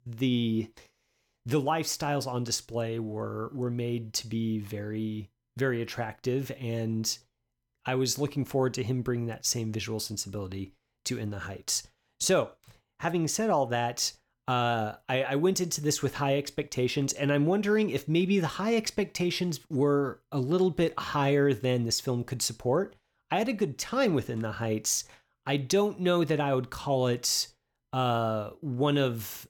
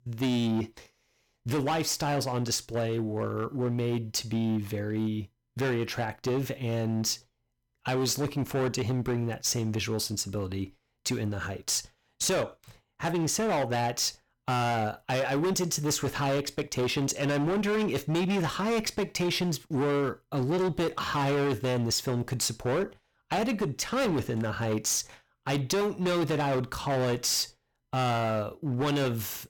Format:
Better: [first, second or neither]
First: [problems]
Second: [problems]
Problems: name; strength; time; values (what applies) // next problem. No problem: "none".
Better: first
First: none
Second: distortion; heavy; 18% of the sound clipped